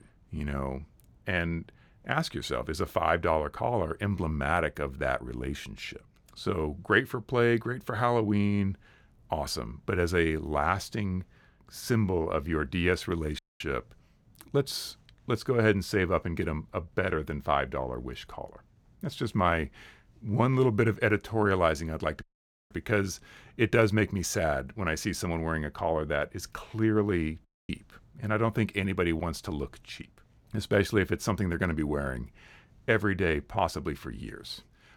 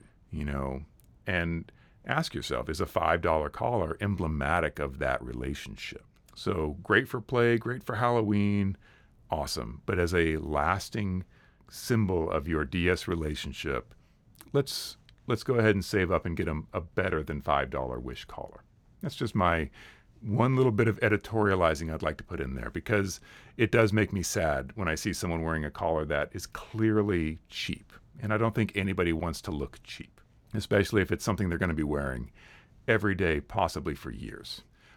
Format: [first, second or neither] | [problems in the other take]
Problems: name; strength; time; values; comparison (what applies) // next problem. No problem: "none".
second | audio cutting out; at 13 s, at 22 s and at 27 s